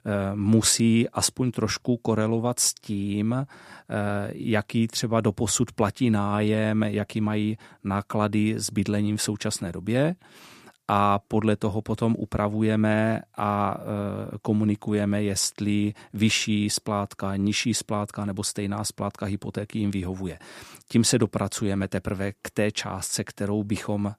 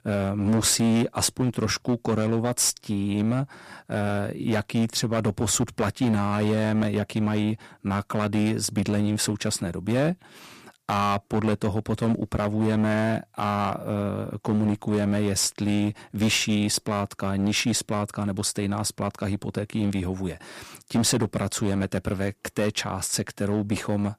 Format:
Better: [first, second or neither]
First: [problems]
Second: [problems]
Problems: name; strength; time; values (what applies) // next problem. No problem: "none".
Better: first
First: none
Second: distortion; slight; 8% of the sound clipped